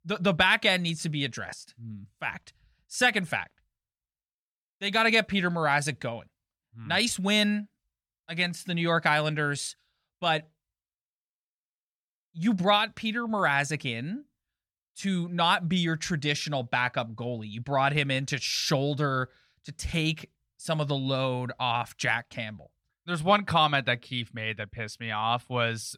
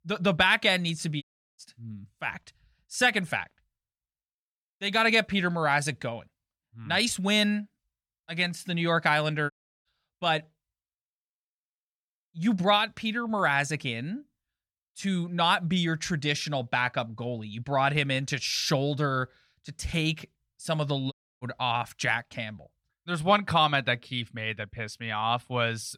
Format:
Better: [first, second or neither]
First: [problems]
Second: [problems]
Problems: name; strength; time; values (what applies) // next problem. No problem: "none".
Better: first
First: none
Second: audio cutting out; at 1 s, at 9.5 s and at 21 s